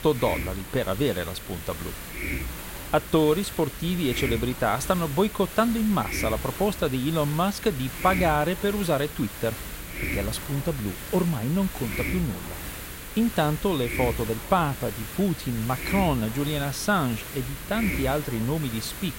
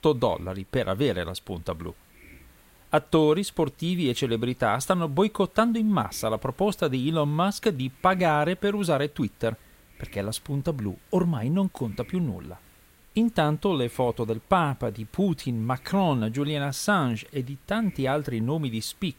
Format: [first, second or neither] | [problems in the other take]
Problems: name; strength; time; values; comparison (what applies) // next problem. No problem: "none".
second | hiss; loud; throughout; 7 dB below the speech; faint in the second